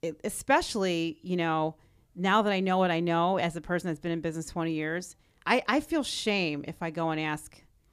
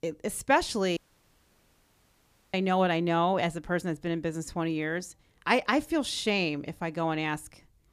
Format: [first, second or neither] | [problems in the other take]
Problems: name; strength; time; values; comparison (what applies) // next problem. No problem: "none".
first | audio cutting out; at 1 s for 1.5 s